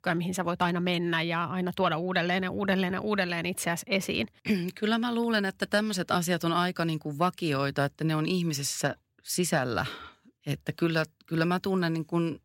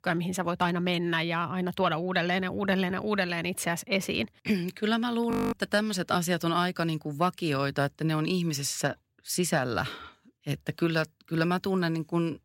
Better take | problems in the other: first | audio freezing; at 5.5 s

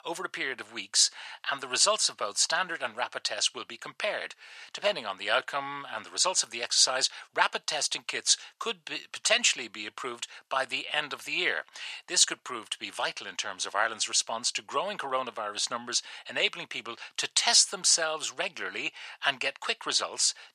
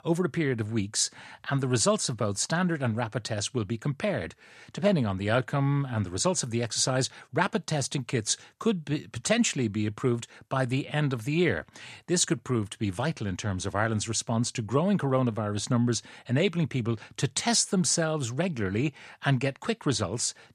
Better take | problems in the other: second | thin; very; fading below 850 Hz

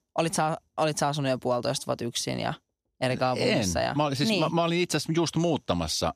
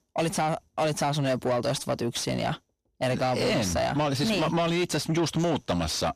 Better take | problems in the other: first | distortion; slight; 10 dB below the speech

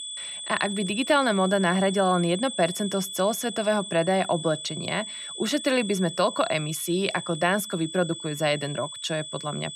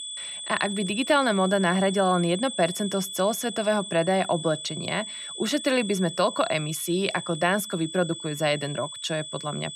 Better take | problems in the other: neither | high-pitched whine; loud; throughout; 3.5 kHz, 9 dB below the speech; the same in both

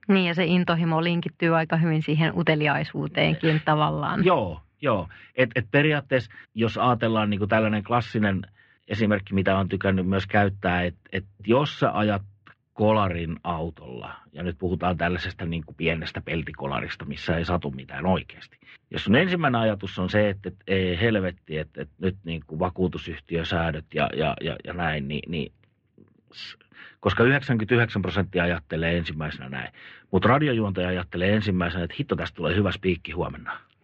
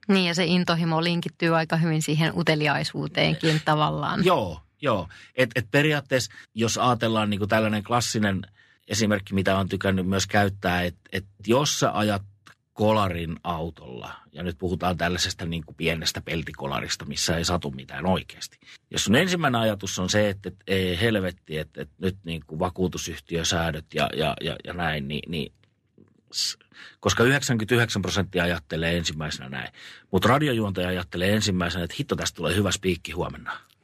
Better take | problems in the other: second | muffled; very; fading above 3 kHz

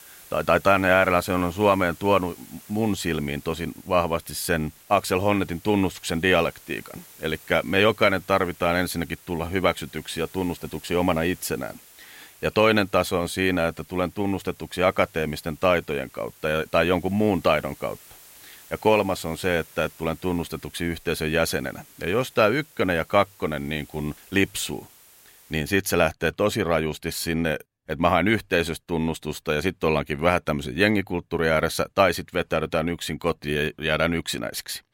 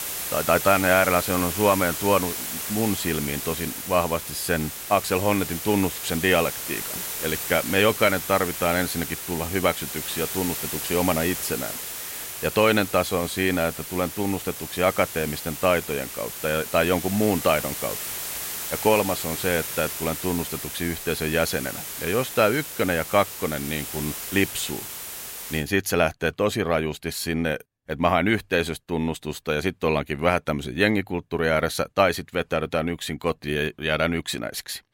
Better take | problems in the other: first | hiss; loud; until 26 s; 6 dB below the speech; faint in the first

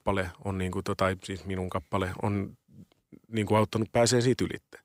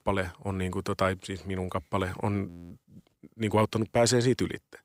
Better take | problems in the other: first | audio freezing; at 2.5 s

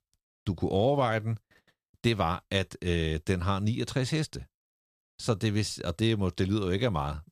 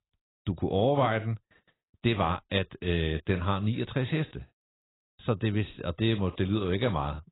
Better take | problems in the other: first | garbled, watery; badly; nothing above 4 kHz

